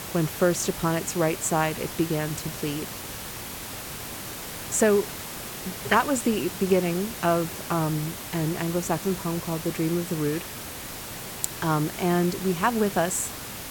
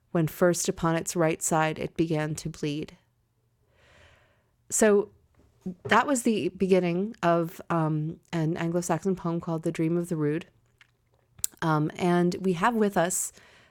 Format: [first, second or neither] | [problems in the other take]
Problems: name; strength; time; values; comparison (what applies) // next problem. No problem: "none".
second | hiss; loud; throughout; 8 dB below the speech